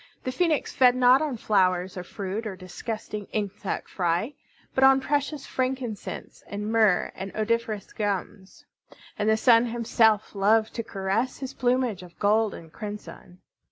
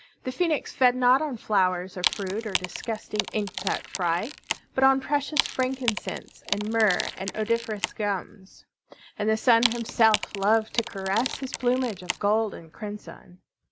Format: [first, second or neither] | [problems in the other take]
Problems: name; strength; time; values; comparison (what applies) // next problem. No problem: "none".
first | background sound (Wood); 7 dB below the speech